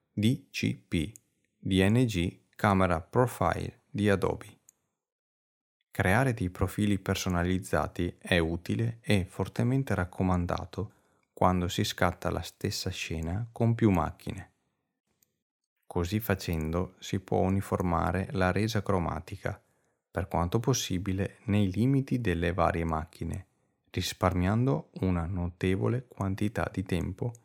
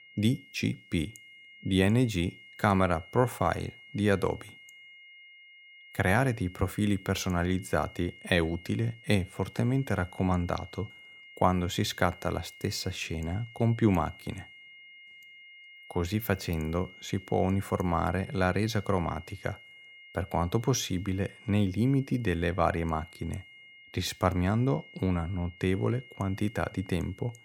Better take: first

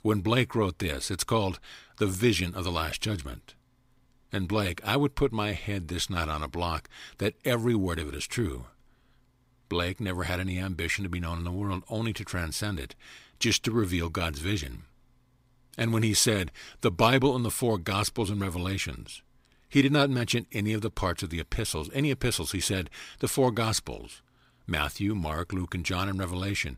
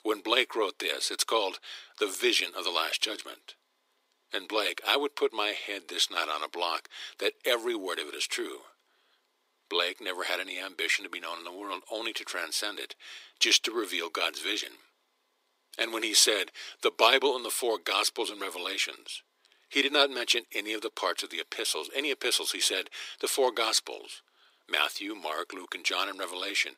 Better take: first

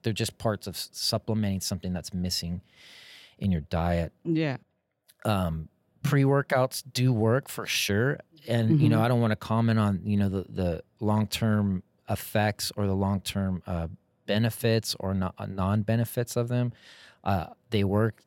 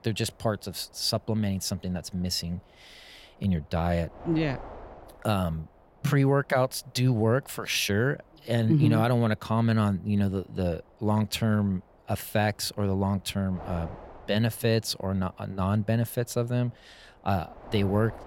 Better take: first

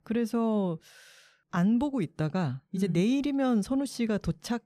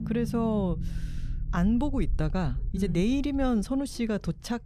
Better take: first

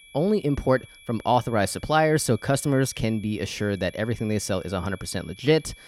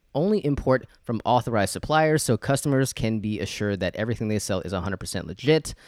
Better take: second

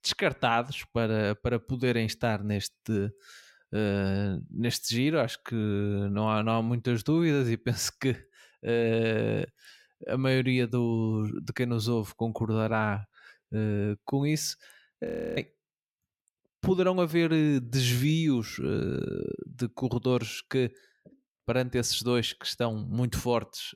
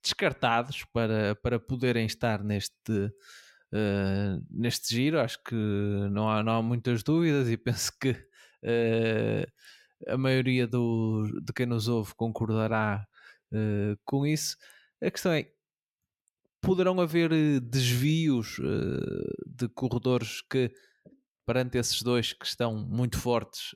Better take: second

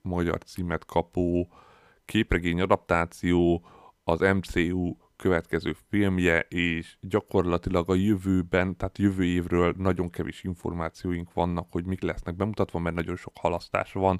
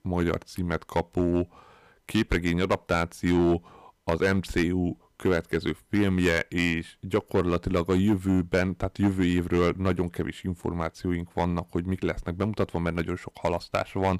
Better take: first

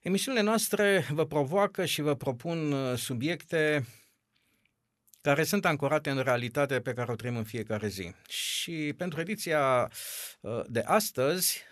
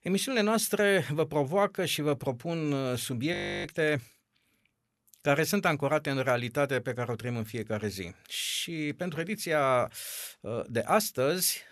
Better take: first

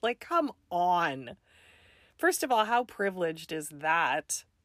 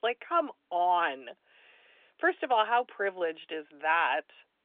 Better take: first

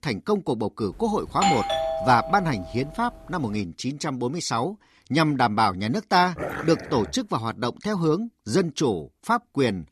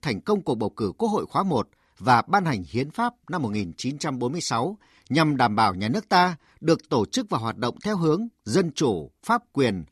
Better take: second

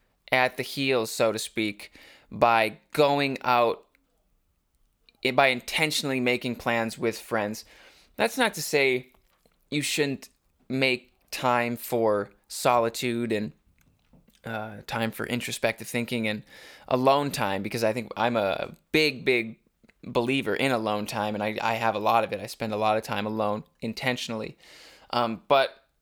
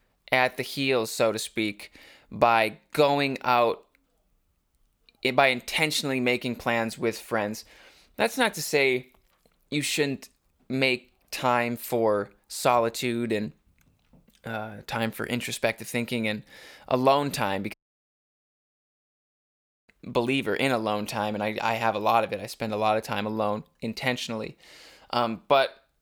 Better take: first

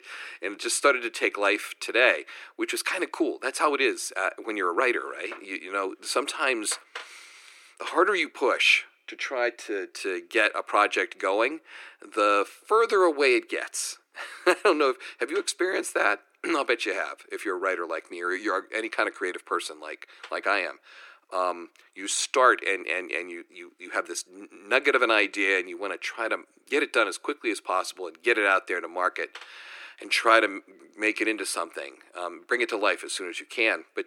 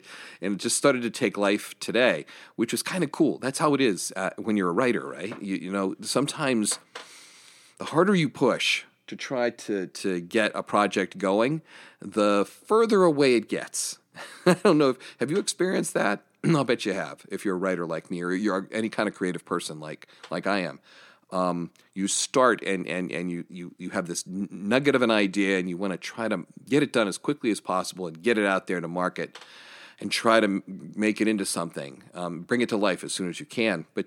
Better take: second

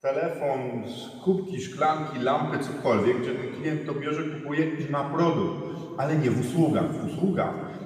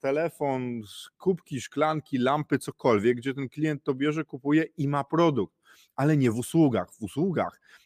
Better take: second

